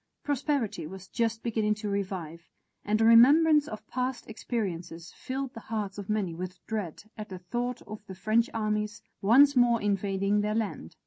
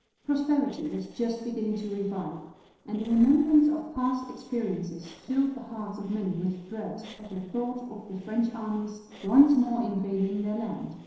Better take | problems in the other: first | noise reduction (neural separator model SepFormer DNS4)

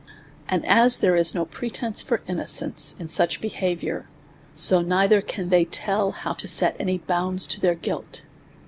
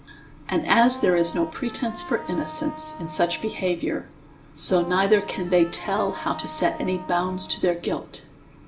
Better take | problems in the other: first | background sound (Wind instrument, woodwind instrument); 14 dB below the speech // room echo; dies away in 0.4 s

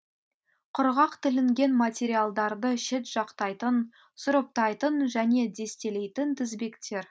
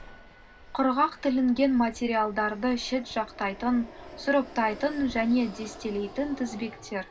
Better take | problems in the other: first | background sound (Fixed-wing aircraft, airplane); 18 dB below the speech // room echo; dies away in 0.2 s

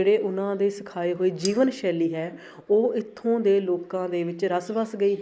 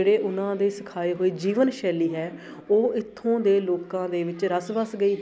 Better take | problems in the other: second | noise reduction (neural mask model Resemble Enhance denoiser)

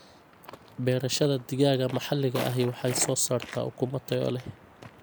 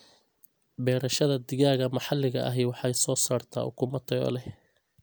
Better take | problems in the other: second | background sound (Walk, footsteps); 15 dB below the speech

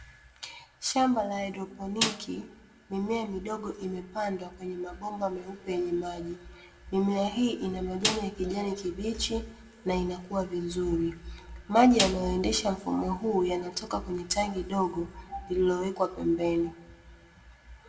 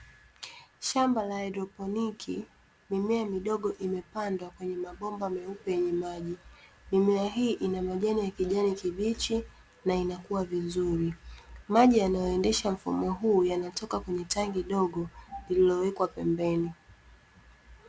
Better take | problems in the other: second | background sound (Snare drum); 4 dB below the speech // room echo; dies away in 0.6 s

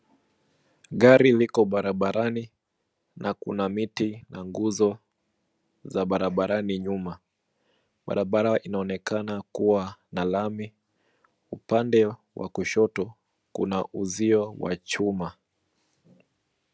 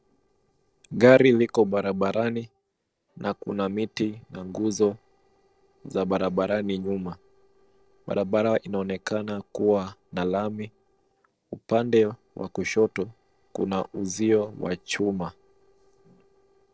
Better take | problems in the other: first | noise reduction (neural separator model SepFormer DNS4)

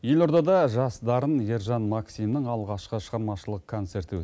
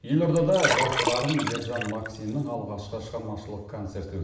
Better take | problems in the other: first | background sound (Liquid); 2 dB below the speech // room echo; dies away in 0.8 s

